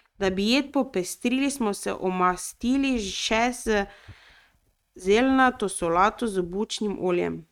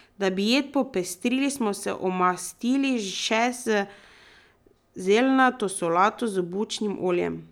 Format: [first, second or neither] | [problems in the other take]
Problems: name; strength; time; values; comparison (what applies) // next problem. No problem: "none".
second | noise reduction (neural mask model RNNoise)